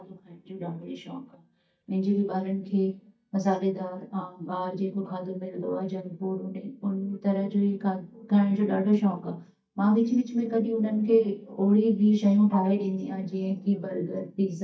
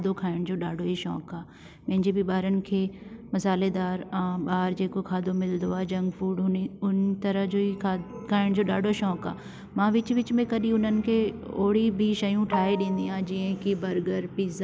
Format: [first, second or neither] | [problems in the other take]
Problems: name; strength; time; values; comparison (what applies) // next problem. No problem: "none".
second | noise reduction (neural mask model DeepFilterNet 3)